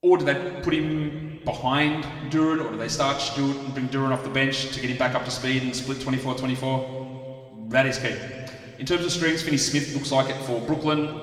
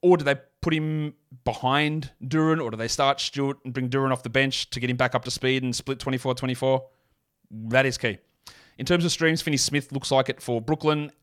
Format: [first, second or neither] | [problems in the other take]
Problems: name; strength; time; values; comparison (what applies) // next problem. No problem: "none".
second | room echo; slight; dies away in 2.2 s // off-mic speech; somewhat distant